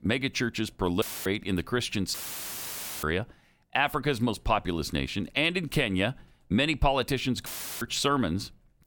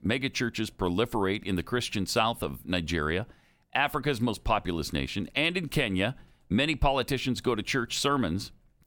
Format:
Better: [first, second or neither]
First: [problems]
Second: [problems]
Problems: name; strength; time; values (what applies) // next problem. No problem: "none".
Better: second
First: audio cutting out; filled with static; at 1 s, at 2 s for 1 s and at 7.5 s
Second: none